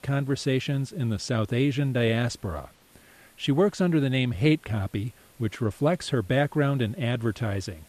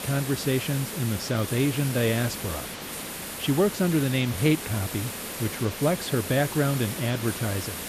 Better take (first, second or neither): first